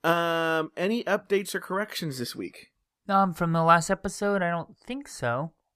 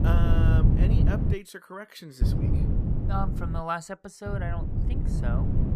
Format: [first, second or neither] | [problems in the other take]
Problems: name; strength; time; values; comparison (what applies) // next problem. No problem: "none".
first | wind noise on the microphone; heavy; until 1.5 s, from 2 to 3.5 s and from 4.5 s on; 2 dB below the speech